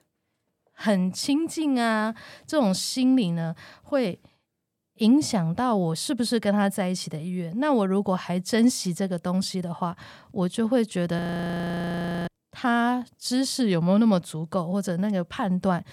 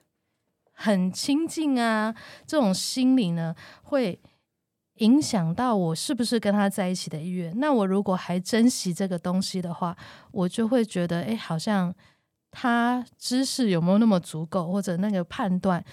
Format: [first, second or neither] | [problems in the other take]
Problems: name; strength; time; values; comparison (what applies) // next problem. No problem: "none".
second | audio freezing; at 11 s for 1 s